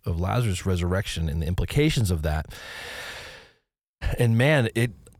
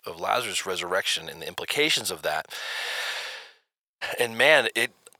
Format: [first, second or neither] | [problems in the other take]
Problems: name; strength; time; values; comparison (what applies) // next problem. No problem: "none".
first | thin; very; fading below 700 Hz